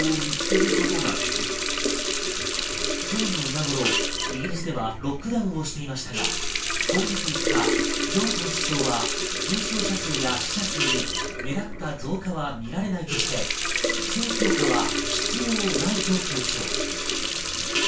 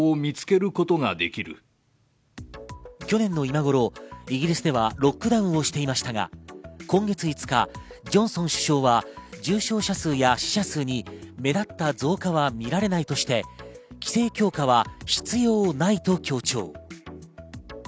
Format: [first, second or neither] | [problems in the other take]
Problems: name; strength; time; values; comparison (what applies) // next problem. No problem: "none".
second | background sound (Water tap, faucet); 4 dB above the speech // room echo; dies away in 0.3 s